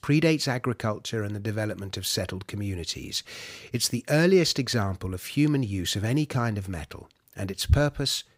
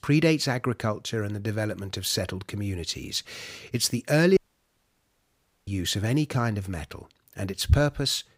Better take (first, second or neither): first